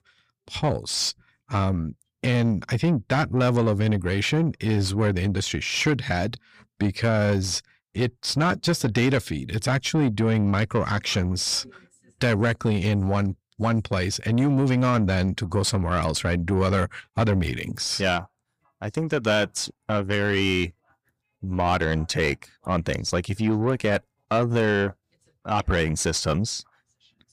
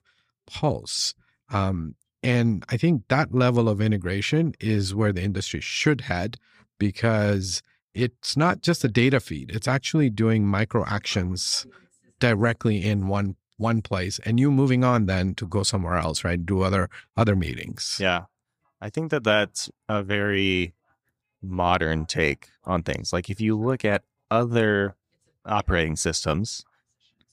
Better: second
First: distortion; slight; 10 dB below the speech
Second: none

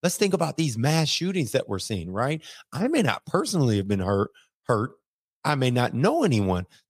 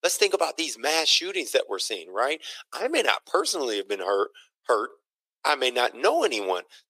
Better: first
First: none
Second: thin; very; fading below 350 Hz

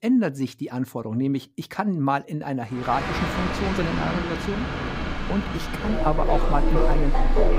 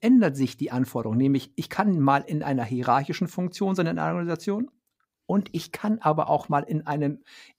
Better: second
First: train or aircraft noise; very loud; from 3 s on; as loud as the speech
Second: none

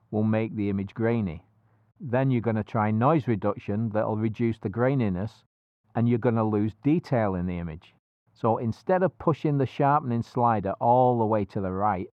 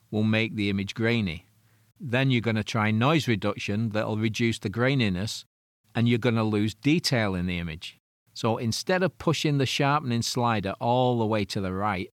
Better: second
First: muffled; very; fading above 2.5 kHz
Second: none

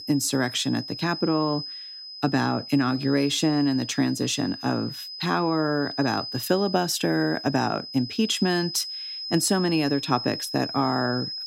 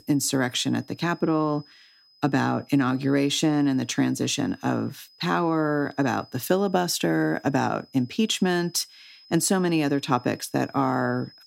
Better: second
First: high-pitched whine; loud; throughout; 5 kHz, 9 dB below the speech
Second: high-pitched whine; faint; throughout; 5 kHz, 25 dB below the speech

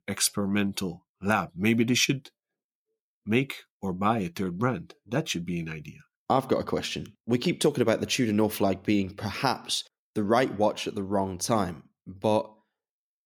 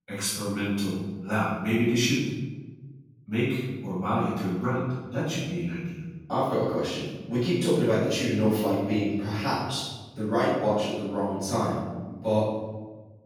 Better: first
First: none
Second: off-mic speech; far // room echo; strong; dies away in 1.3 s

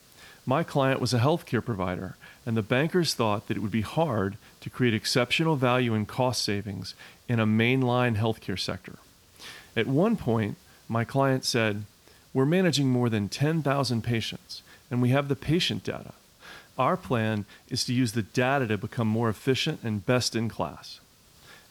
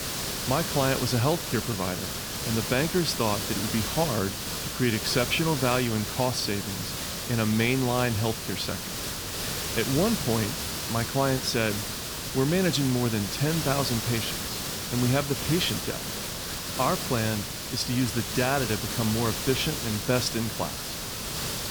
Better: first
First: hiss; faint; throughout; 30 dB below the speech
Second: hiss; loud; throughout; 3 dB below the speech

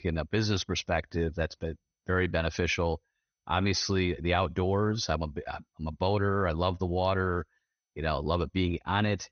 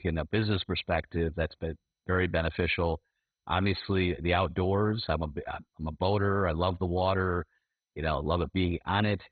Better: first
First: garbled, watery; slightly; nothing above 6.5 kHz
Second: garbled, watery; badly; nothing above 4 kHz

